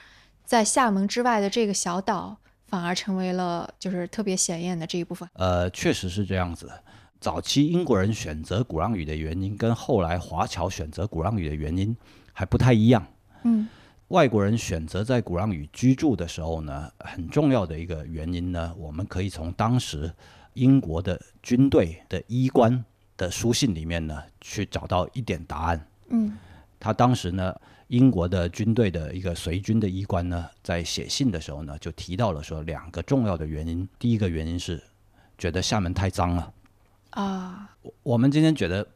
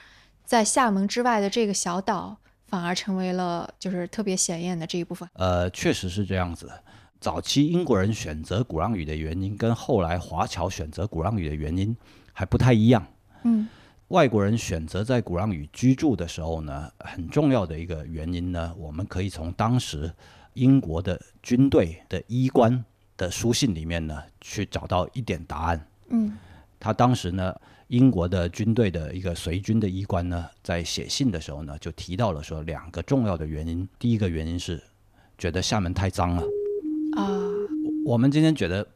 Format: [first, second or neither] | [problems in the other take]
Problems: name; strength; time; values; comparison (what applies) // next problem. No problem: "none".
first | siren; noticeable; from 36 to 38 s; peak 2 dB below the speech